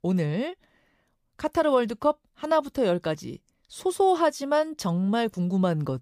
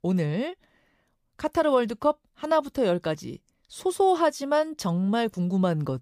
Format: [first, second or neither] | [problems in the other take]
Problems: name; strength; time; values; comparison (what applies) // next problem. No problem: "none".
neither | none